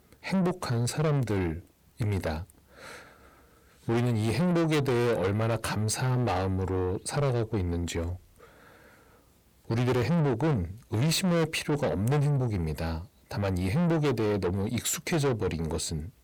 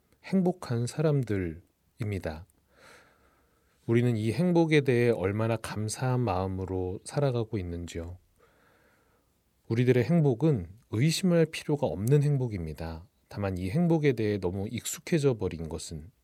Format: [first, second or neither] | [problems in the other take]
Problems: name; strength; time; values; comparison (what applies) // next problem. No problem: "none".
second | distortion; heavy; 6 dB below the speech